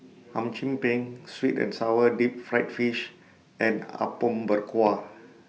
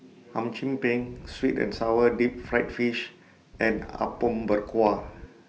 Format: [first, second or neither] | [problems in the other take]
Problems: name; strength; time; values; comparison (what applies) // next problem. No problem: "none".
first | background sound (Wind); 17 dB below the speech